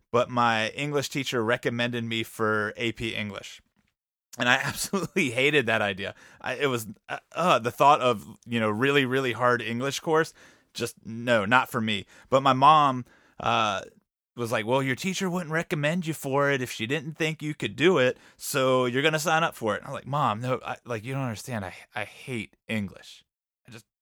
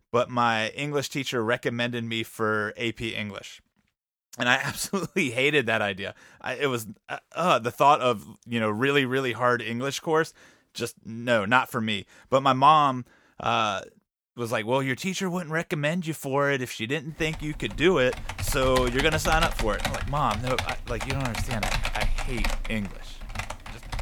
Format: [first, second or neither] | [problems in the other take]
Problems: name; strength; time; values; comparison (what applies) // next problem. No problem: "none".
first | keyboard typing; noticeable; from 17 s on; peak 2 dB below the speech